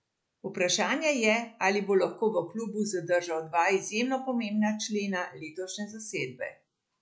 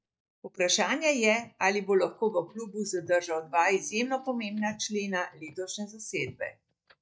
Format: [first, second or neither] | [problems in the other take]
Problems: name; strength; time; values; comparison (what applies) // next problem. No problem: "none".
first | noise reduction (neural mask model DeepFilterNet 3)